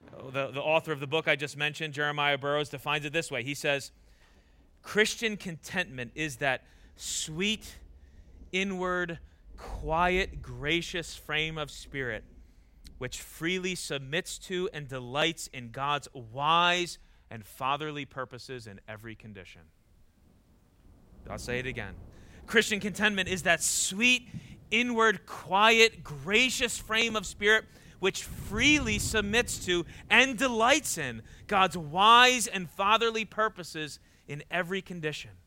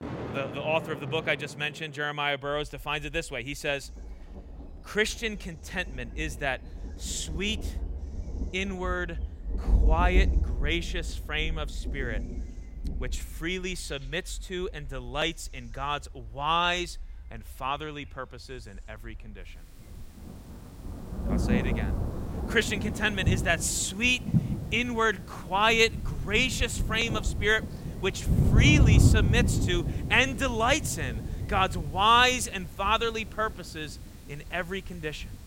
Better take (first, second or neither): first